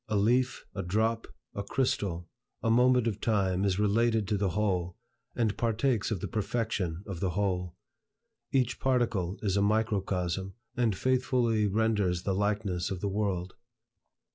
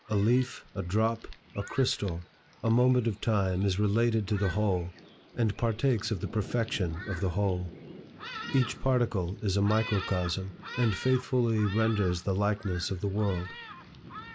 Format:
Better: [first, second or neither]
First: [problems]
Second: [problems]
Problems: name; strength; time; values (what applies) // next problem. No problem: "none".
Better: first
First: none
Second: background sound (Thunderstorm); 16 dB below the speech